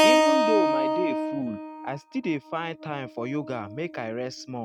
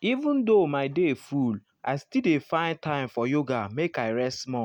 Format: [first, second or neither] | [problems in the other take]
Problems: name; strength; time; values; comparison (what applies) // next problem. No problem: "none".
second | noise reduction (neural mask model RNNoise)